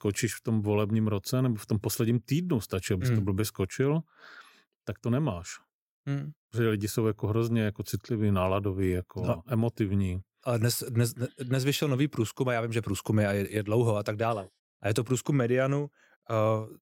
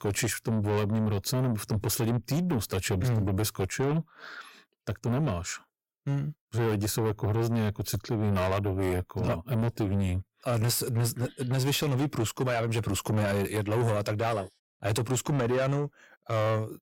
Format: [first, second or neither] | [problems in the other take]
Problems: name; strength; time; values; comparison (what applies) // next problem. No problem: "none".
first | distortion; heavy; 7 dB below the speech